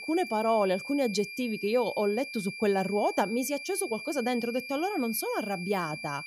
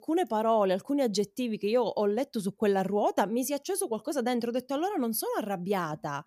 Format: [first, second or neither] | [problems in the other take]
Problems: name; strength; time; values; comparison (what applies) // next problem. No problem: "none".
second | high-pitched whine; loud; throughout; 2.5 kHz, 9 dB below the speech